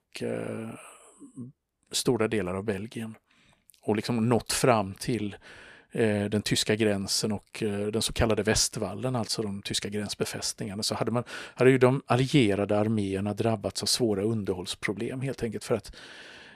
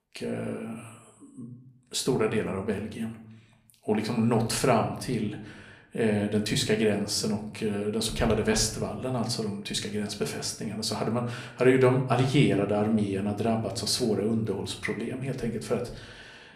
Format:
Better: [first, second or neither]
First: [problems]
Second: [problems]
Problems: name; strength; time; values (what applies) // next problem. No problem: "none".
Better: first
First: none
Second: room echo; slight; dies away in 0.5 s